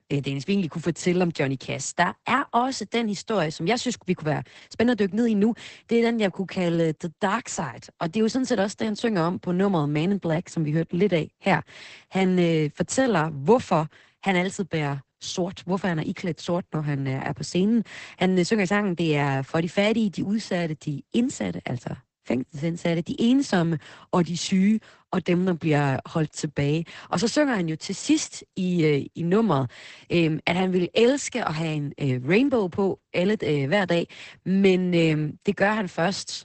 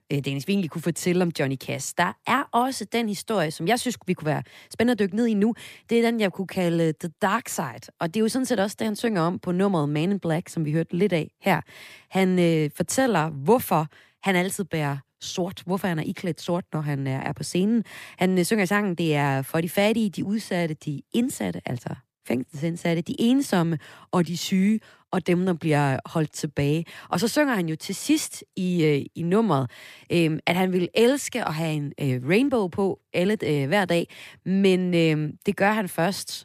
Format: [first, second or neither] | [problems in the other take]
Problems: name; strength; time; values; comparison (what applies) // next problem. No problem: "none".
second | garbled, watery; badly; nothing above 8 kHz